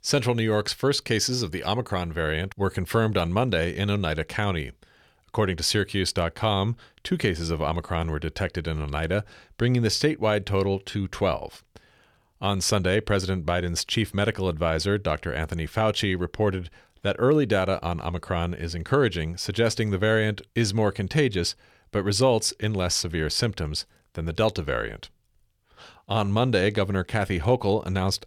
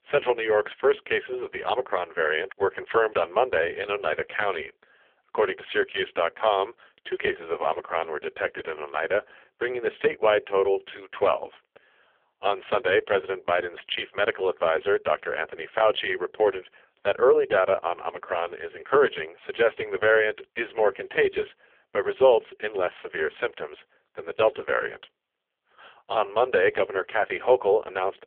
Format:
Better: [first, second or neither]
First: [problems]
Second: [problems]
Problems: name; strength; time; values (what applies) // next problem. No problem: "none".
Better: first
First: none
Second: phone-call audio; poor line; nothing above 3.5 kHz